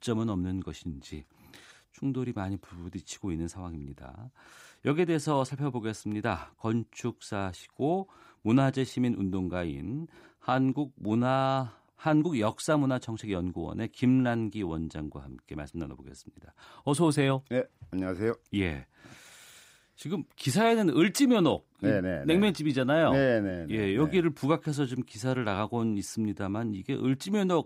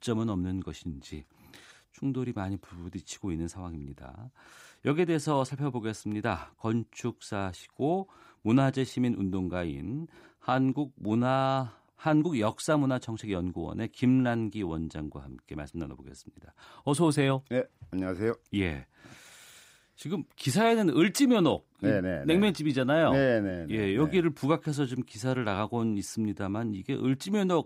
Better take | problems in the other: neither | none

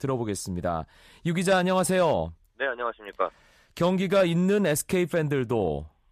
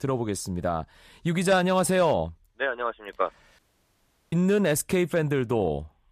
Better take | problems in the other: first | audio cutting out; at 3.5 s for 0.5 s

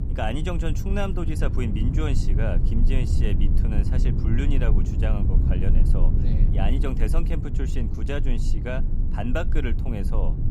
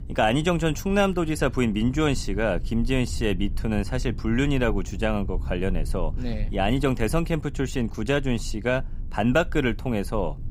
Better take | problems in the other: second | low rumble; loud; throughout; 5 dB below the speech; faint in the second

